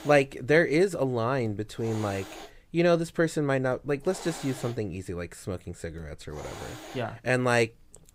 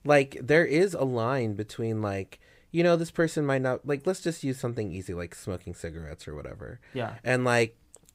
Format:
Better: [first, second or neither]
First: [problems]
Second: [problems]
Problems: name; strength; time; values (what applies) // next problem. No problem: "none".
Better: second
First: hiss; noticeable; throughout; 15 dB below the speech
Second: none